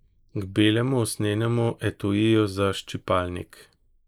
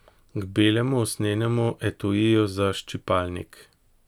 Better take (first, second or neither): second